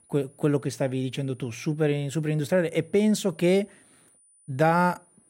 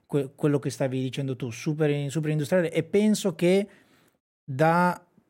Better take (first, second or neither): second